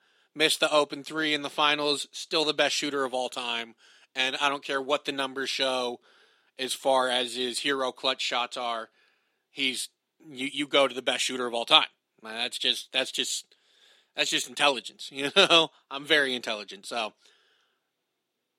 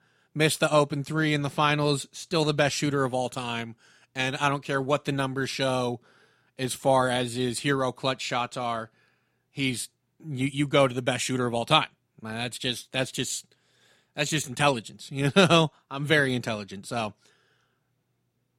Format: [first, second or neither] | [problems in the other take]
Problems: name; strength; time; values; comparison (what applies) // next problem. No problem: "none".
second | thin; somewhat; fading below 300 Hz